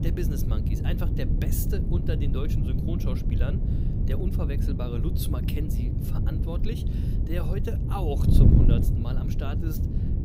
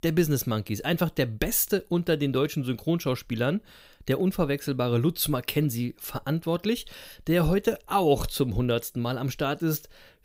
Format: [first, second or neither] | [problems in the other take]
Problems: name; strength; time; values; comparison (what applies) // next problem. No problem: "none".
second | wind noise on the microphone; heavy; as loud as the speech